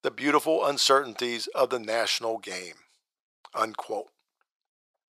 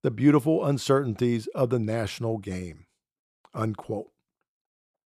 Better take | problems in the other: second | thin; very; fading below 750 Hz

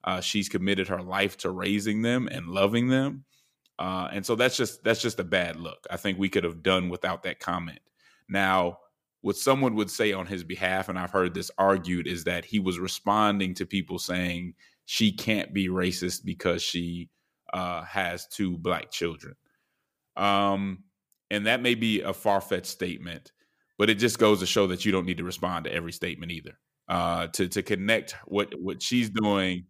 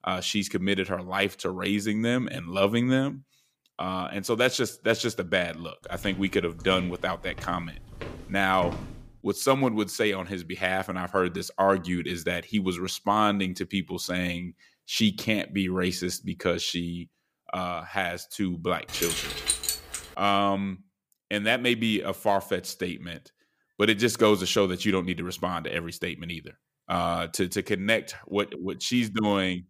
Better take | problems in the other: first | footsteps; noticeable; from 6 to 9 s; peak 9 dB below the speech // jangling keys; loud; from 19 to 20 s; peak 1 dB above the speech

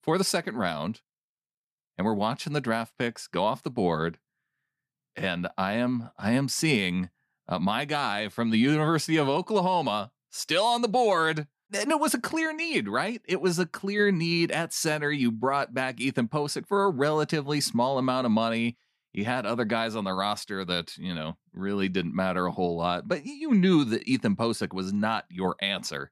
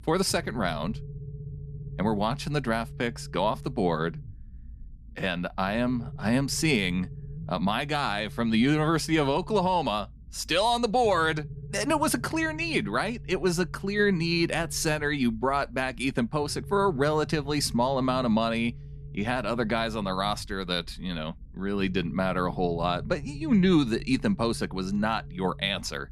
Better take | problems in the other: first | low rumble; faint; throughout; 25 dB below the speech

